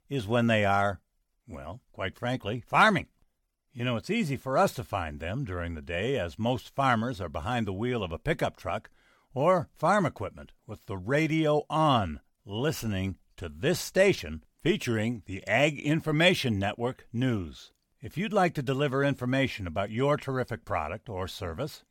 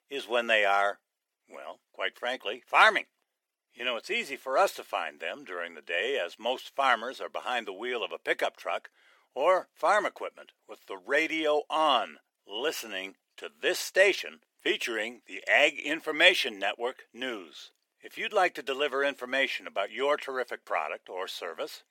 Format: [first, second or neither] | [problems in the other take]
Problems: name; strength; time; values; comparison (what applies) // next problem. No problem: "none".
first | thin; very; fading below 350 Hz